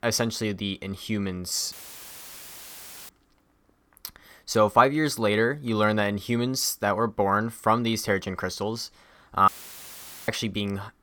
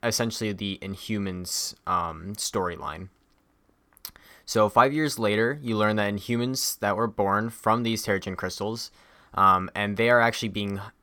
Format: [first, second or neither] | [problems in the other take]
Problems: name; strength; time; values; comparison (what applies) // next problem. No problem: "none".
second | audio cutting out; filled with static; at 1.5 s for 1.5 s and at 9.5 s for 1 s